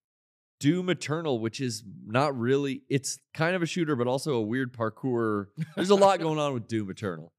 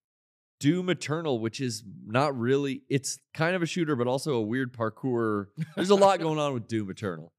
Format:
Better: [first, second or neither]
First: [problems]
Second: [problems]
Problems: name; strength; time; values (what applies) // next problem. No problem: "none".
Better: neither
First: none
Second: none